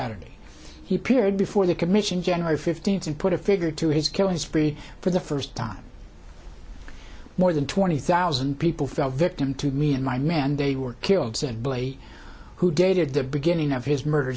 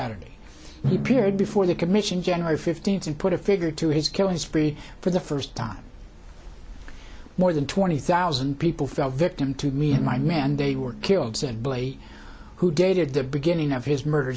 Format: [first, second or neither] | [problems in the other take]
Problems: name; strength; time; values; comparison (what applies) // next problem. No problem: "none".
first | background sound (Drum); 13 dB below the speech